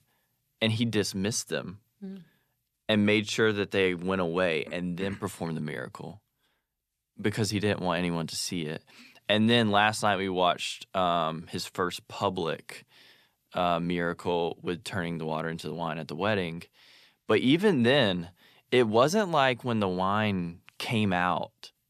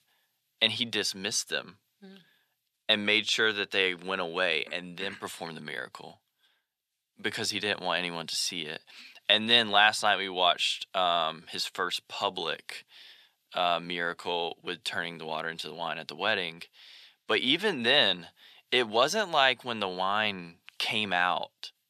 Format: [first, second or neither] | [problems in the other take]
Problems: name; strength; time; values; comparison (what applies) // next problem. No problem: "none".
first | thin; somewhat; fading below 1 kHz